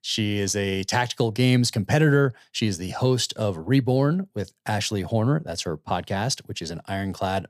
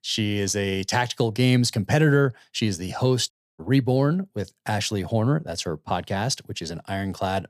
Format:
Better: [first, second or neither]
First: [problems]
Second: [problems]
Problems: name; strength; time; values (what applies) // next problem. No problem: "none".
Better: first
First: none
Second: audio cutting out; at 3.5 s